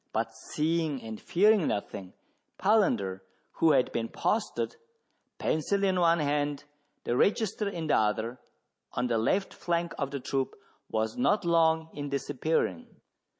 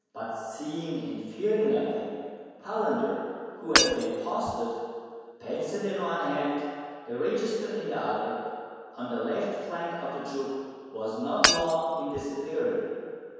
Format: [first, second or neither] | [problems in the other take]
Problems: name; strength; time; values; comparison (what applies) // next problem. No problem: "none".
first | background sound (Shatter / Hammer); 2 dB above the speech // room echo; dies away in 1.9 s